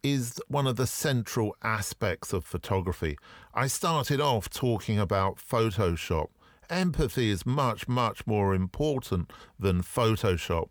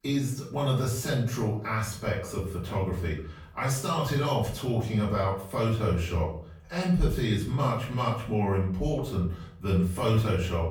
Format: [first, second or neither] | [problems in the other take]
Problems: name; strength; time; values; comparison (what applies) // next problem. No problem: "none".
first | room echo; noticeable; dies away in 0.5 s // off-mic speech; far